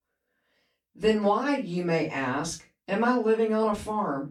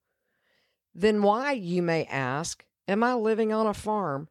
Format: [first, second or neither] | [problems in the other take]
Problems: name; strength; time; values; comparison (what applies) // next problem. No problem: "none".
second | off-mic speech; far // room echo; very slight; dies away in 0.2 s